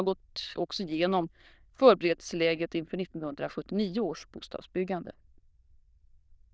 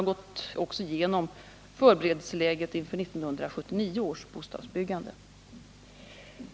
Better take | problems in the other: second | noise reduction (neural diffusion model UNIVERSE++)

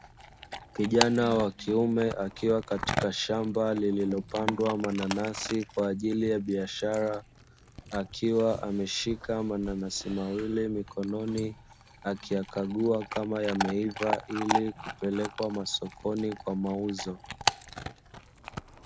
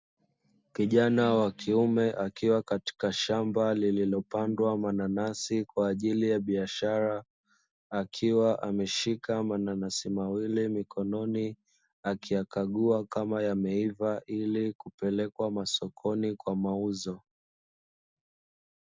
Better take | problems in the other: second | background sound (Chewing, mastication / Dog); 8 dB below the speech

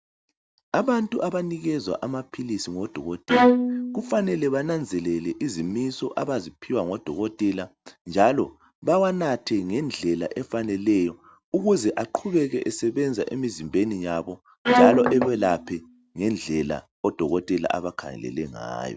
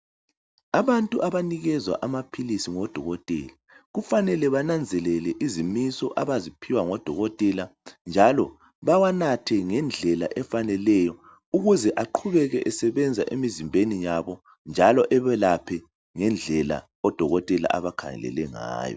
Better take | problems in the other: second | background sound (Bowed string instrument + Knock); 2 dB above the speech

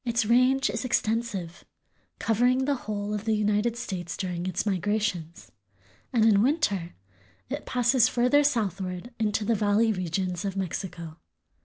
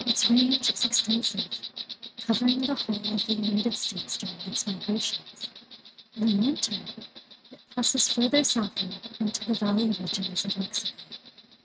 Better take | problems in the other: first | noise reduction (neural mask model RNNoise)

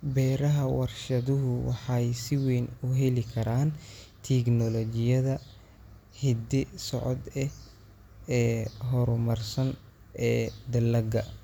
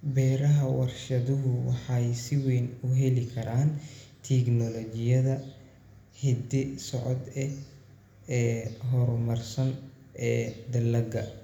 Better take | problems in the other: first | room echo; dies away in 0.7 s

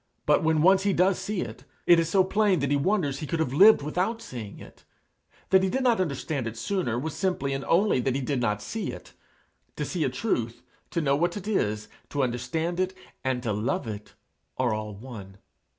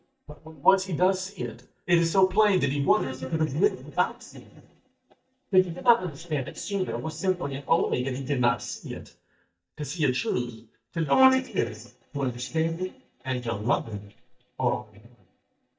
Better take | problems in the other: first | noise reduction (neural mask model DeepFilterNet 3)

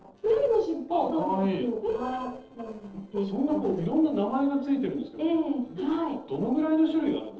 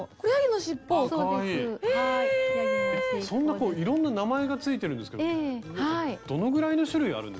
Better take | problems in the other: second | noise reduction (neural separator model SepFormer DNS4)

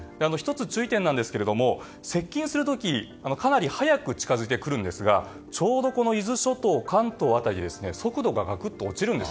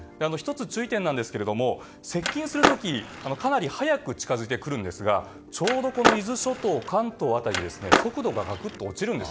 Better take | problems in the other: first | background sound (Skateboard); 1 dB above the speech

